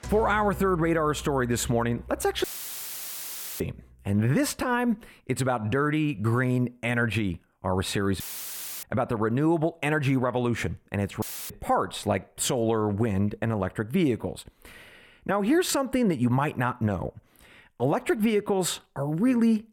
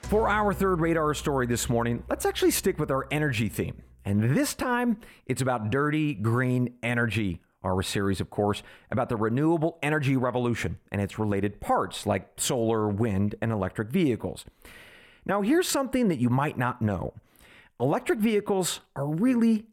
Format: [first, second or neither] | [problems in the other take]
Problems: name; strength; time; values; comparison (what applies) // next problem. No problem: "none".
second | audio cutting out; filled with static; at 2.5 s for 1 s, at 8 s for 0.5 s and at 11 s